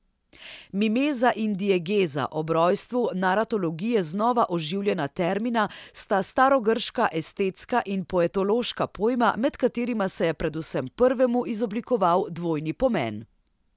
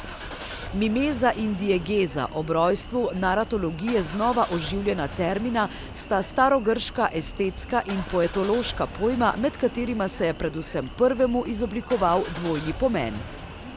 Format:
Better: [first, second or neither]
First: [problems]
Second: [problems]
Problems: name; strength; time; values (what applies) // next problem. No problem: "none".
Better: first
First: none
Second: background sound (Engine starting / Car); 12 dB below the speech